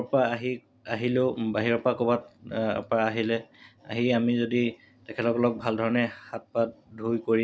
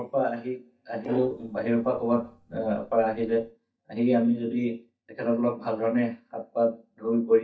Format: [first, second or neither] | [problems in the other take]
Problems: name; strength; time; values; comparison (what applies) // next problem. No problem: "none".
first | noise reduction (neural mask model DeepFilterNet 3)